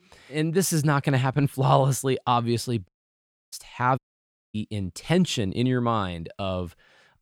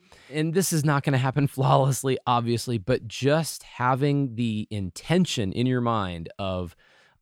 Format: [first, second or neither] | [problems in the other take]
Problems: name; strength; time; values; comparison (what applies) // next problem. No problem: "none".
second | audio cutting out; at 3 s for 0.5 s and at 4 s for 0.5 s